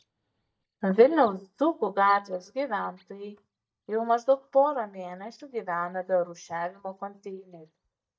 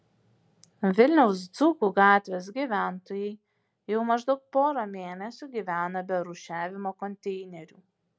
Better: second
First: noise reduction (neural mask model DeepFilterNet 3)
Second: none

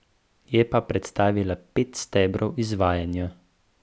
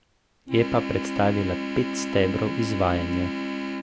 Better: first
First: none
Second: background sound (Organ); 4 dB below the speech

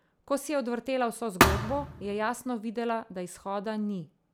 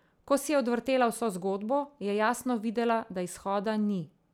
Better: second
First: background sound (Thump, thud); 4 dB above the speech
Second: none

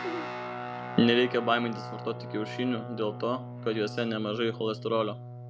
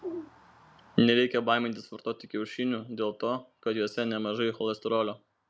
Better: second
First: background sound (Guitar); 9 dB below the speech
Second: none

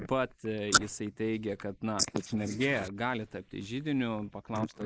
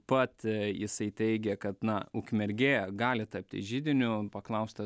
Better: second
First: noise reduction (neural mask model Resemble Enhance denoiser)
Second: none

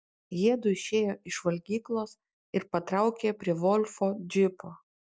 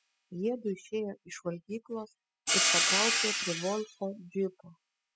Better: first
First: none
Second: noise reduction (classical method spectral subtraction)

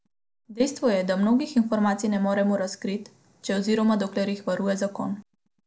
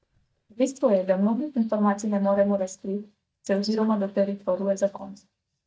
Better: first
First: none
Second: noise reduction (neural mask model DeepFilterNet 3)

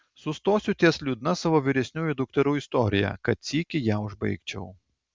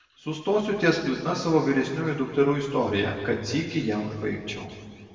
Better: first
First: none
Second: room echo; dies away in 2 s

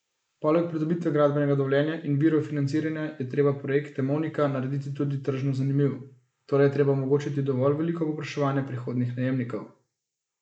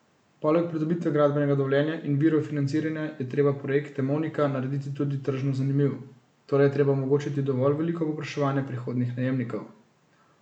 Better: second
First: noise reduction (neural mask model Resemble Enhance denoiser)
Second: none

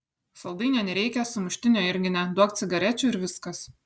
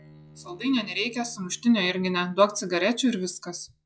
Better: first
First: none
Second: noise reduction (classical method log-MMSE)

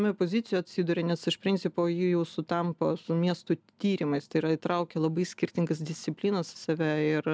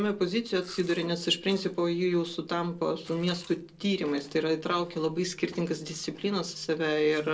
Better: first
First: none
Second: noise reduction (neural separator model SepFormer DNS4)

